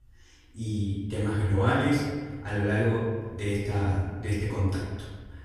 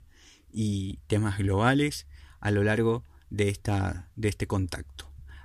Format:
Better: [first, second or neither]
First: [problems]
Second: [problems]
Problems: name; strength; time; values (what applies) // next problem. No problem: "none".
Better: second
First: off-mic speech; far // room echo; strong; dies away in 1.4 s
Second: none